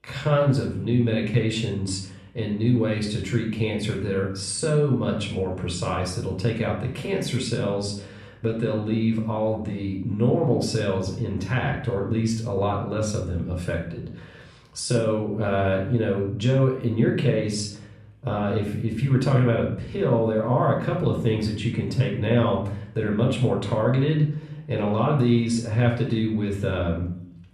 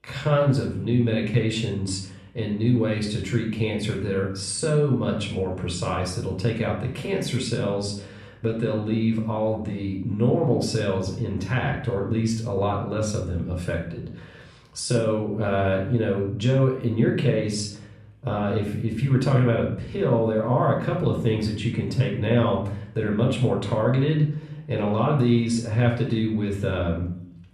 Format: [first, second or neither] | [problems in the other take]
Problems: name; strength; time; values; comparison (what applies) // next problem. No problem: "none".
neither | off-mic speech; far; the same in both // room echo; noticeable; dies away in 0.5 s; the same in both